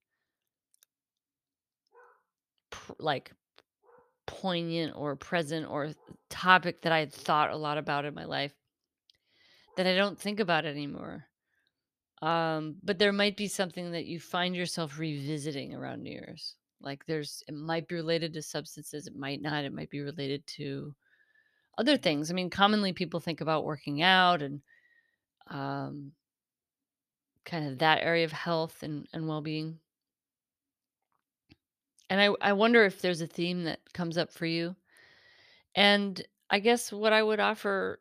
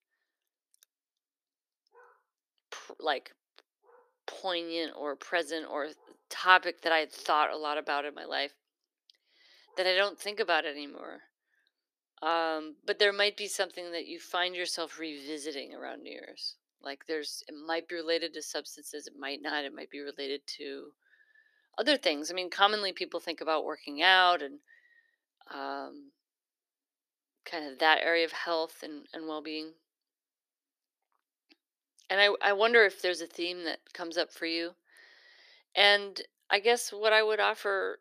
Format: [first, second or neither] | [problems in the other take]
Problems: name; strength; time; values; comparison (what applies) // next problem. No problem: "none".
first | thin; somewhat; fading below 300 Hz